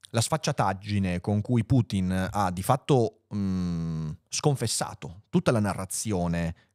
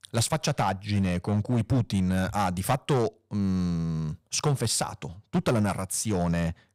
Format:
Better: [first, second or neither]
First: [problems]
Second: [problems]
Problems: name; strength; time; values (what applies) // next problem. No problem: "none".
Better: first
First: none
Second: distortion; slight; 6% of the sound clipped